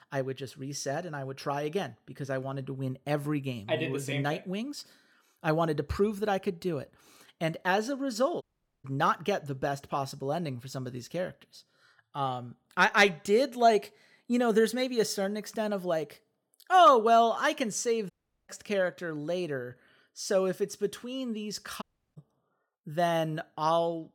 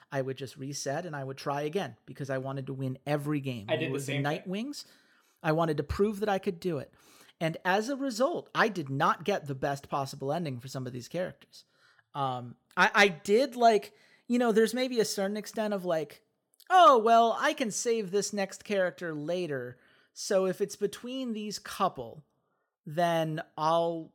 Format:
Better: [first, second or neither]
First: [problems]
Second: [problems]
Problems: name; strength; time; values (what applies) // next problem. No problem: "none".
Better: second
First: audio cutting out; at 8.5 s, at 18 s and at 22 s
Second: none